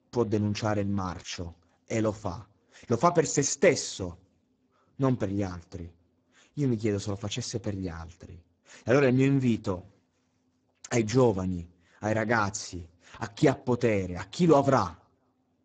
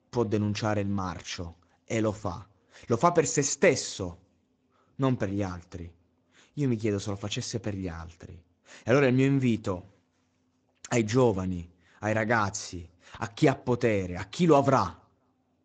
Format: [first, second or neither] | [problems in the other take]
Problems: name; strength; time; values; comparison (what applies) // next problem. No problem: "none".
second | garbled, watery; badly; nothing above 7.5 kHz; slightly in the second